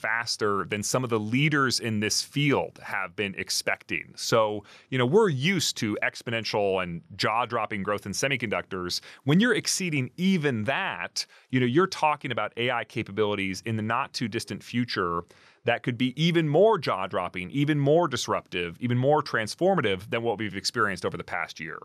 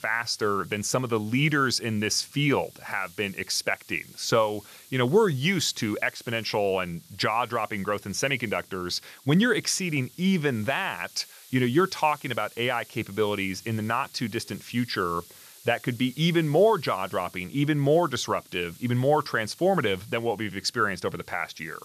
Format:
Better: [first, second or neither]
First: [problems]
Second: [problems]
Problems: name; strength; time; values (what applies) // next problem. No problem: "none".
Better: first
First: none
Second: hiss; faint; throughout; 20 dB below the speech